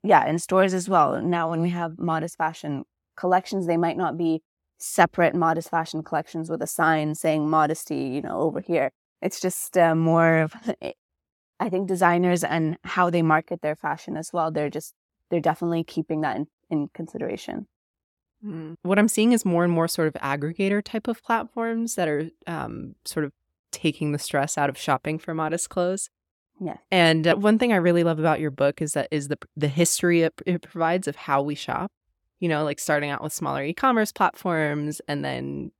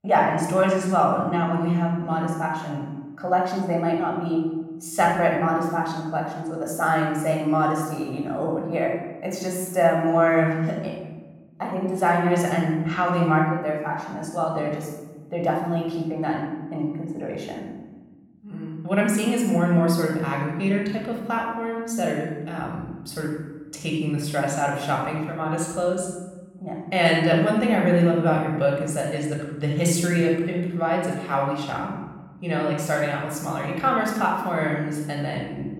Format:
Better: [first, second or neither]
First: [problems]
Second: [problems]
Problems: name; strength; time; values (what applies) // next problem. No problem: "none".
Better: first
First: none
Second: off-mic speech; somewhat distant // room echo; noticeable; dies away in 1.1 s